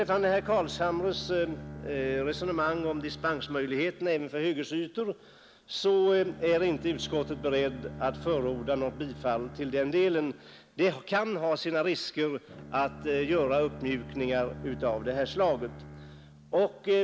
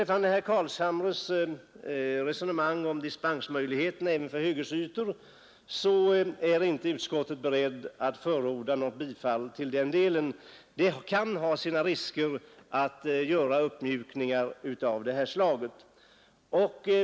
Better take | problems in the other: second | background sound (Bowed string instrument); 15 dB below the speech

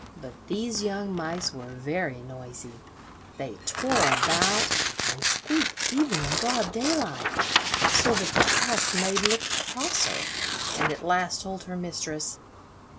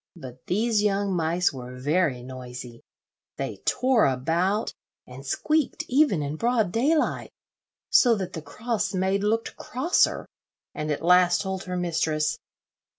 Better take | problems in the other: second | background sound (Tearing); 2 dB above the speech

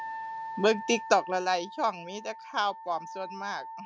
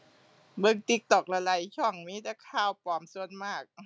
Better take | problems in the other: second | background sound (Wind instrument, woodwind instrument); 11 dB below the speech

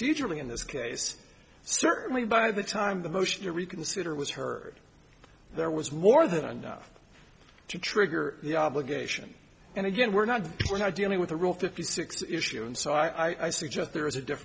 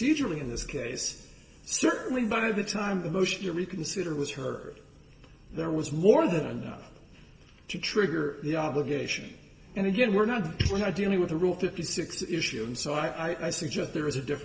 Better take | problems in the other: first | room echo; dies away in 1.9 s

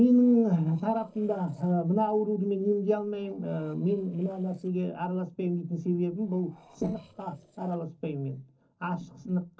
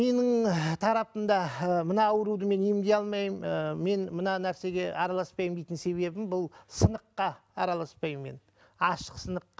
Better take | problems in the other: second | noise reduction (neural separator model SepFormer DNS4)

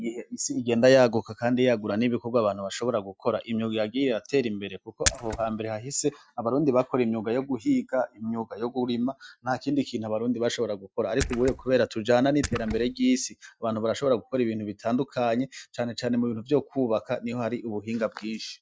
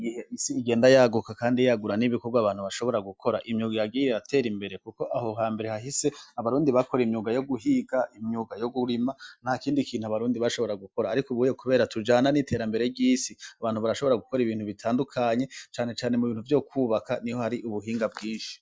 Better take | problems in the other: second | noise reduction (neural mask model RNNoise)

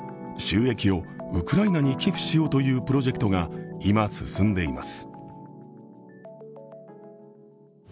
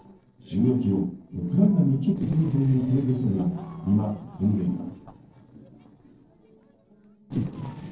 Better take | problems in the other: first | noise reduction (neural separator model SepFormer DNS4)

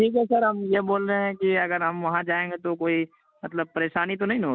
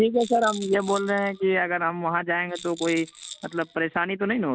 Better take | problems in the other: first | background sound (Rattle); 18 dB below the speech

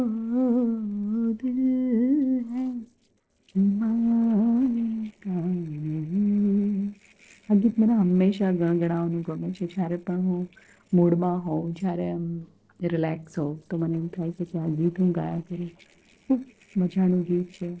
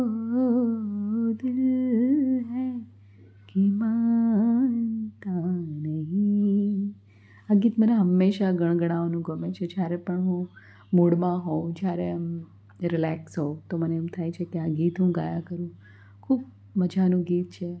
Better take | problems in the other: second | noise reduction (neural separator model SepFormer DNS4)

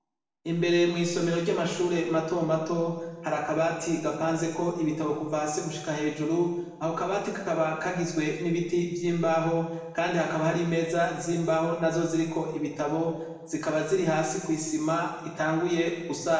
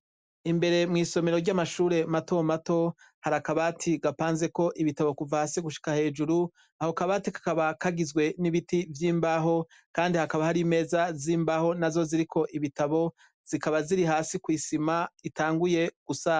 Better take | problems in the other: second | room echo; dies away in 1.1 s

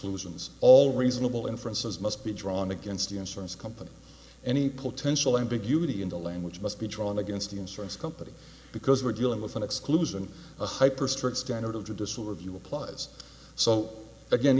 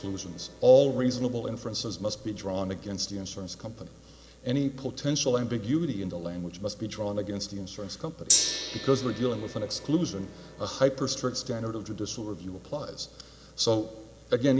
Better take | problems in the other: first | background sound (Gong); 10 dB below the speech

